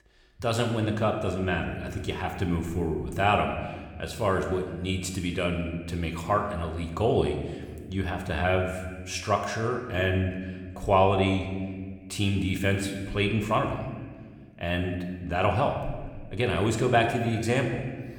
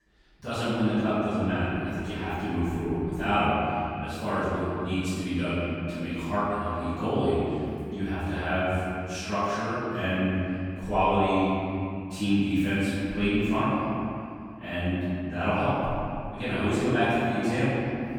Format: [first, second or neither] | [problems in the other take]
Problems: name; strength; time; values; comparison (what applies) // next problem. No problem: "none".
first | room echo; strong; dies away in 2.5 s; slight in the first // off-mic speech; far